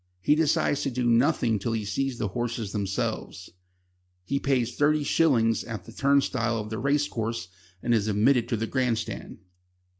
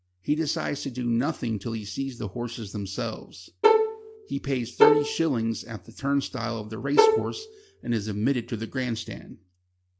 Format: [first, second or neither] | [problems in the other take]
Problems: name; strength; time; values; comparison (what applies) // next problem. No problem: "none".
first | background sound (Bowed string instrument); 4 dB above the speech